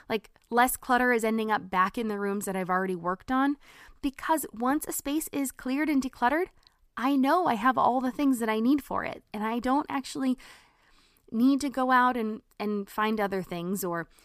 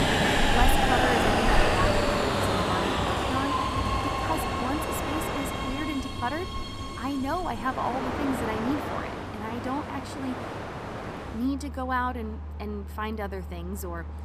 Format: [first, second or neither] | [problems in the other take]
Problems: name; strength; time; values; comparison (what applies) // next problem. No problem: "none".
first | train or aircraft noise; very loud; throughout; 5 dB above the speech